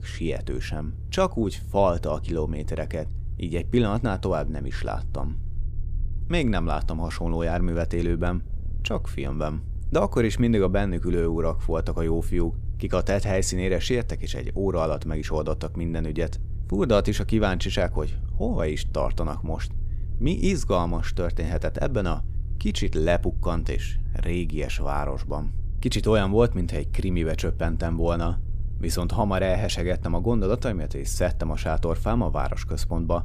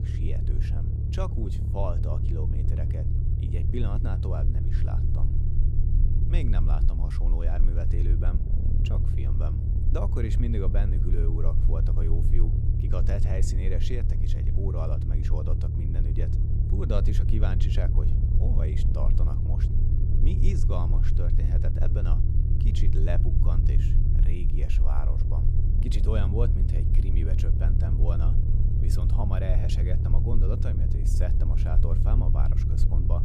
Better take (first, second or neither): first